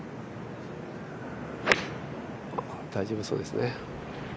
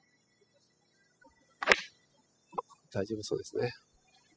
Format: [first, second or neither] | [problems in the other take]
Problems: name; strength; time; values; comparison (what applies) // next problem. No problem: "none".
first | noise reduction (classical method spectral subtraction)